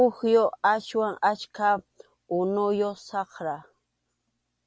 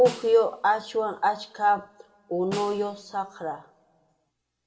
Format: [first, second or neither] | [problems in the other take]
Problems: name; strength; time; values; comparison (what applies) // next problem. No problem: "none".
first | background sound (Snare drum); 18 dB below the speech // room echo; dies away in 0.8 s